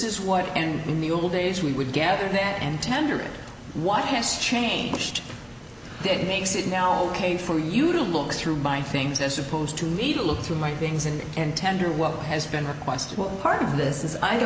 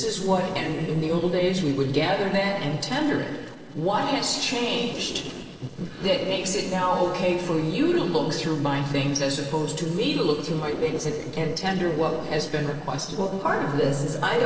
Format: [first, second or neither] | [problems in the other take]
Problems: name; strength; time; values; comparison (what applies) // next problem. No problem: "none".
first | noise reduction (neural separator model SepFormer DNS4)